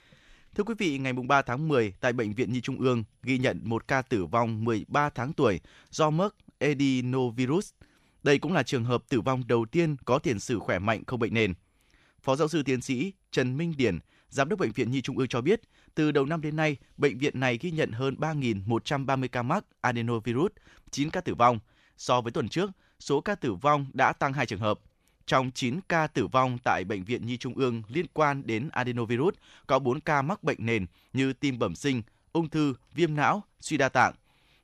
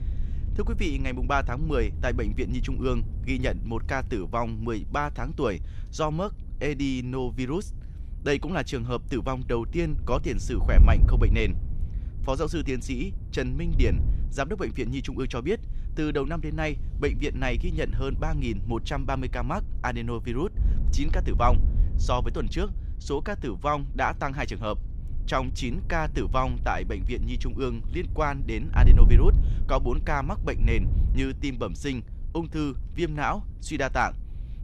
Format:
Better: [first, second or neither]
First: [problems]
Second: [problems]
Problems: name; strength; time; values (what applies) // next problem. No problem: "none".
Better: first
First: none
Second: wind noise on the microphone; occasional gusts; 20 dB below the speech